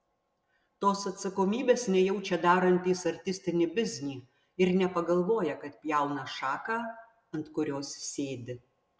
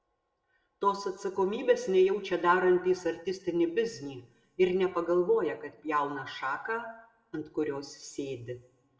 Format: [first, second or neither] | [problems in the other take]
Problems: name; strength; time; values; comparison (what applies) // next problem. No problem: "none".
first | room echo; dies away in 0.4 s